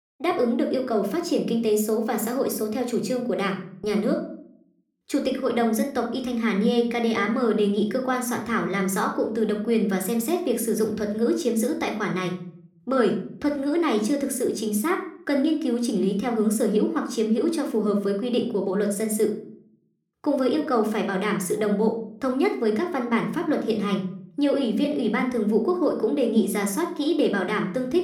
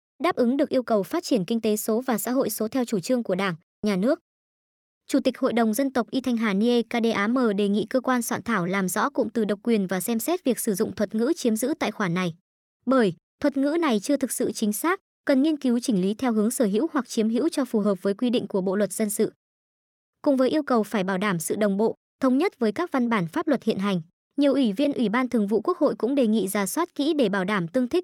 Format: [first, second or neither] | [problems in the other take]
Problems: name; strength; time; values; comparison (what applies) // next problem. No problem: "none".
second | room echo; slight; dies away in 0.4 s